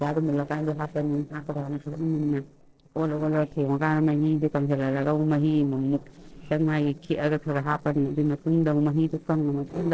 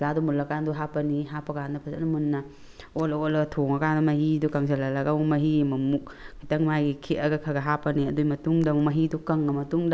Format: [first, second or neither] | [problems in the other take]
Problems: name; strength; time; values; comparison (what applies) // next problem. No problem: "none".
second | noise reduction (neural separator model SepFormer DNS4)